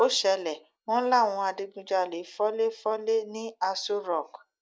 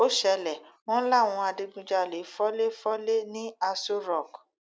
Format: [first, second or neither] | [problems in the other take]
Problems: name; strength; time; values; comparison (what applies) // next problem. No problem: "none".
second | noise reduction (neural mask model DeepFilterNet 3)